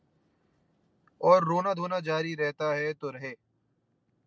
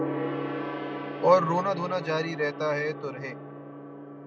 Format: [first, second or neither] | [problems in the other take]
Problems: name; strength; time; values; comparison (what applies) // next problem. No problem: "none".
first | background sound (Gong); 6 dB below the speech